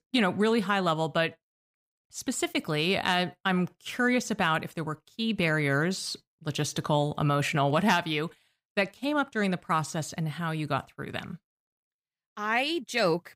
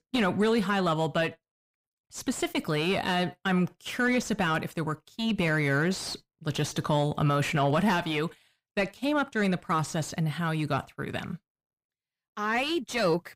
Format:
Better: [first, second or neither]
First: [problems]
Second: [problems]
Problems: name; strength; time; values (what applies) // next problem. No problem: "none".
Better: first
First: none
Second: distortion; slight; 10 dB below the speech